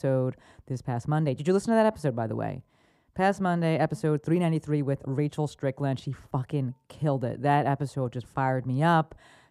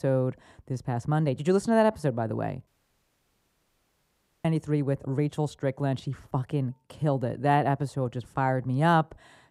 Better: first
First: none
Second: audio cutting out; at 2.5 s for 2 s

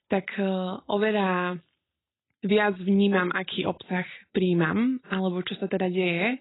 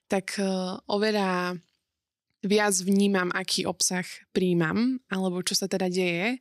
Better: second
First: garbled, watery; badly; nothing above 4 kHz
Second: none

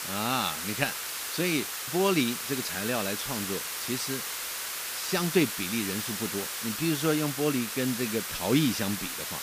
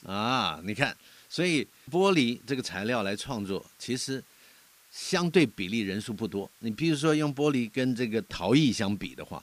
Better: second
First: hiss; loud; throughout; 2 dB below the speech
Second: hiss; faint; throughout; 30 dB below the speech

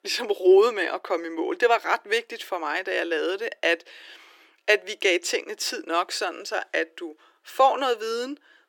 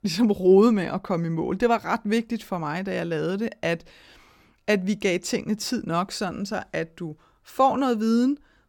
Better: second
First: thin; very; fading below 350 Hz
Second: none

